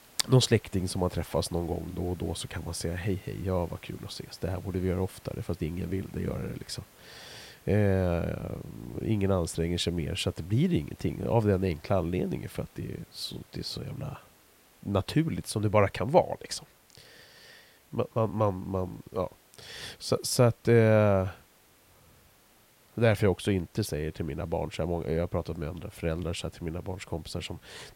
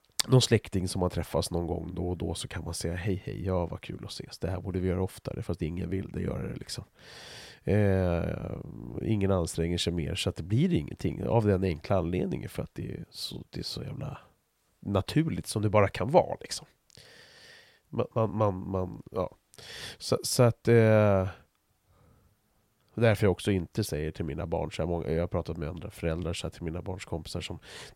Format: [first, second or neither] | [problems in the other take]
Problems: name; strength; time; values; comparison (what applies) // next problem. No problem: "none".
second | hiss; faint; throughout; 25 dB below the speech